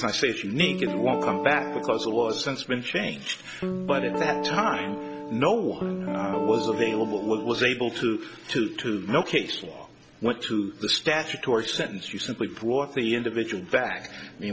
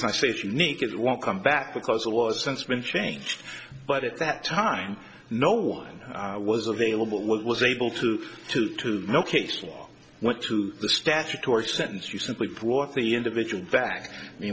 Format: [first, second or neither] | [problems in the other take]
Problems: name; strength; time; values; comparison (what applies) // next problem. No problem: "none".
second | background sound (Guitar); 4 dB below the speech